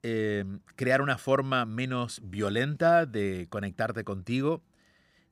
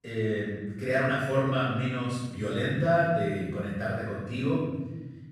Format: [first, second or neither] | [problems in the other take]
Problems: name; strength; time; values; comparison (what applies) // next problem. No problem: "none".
first | off-mic speech; far // room echo; strong; dies away in 1.5 s